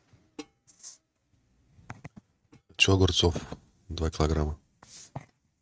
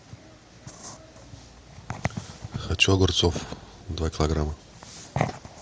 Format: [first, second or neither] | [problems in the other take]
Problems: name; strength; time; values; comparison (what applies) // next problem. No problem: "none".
second | noise reduction (neural mask model RNNoise)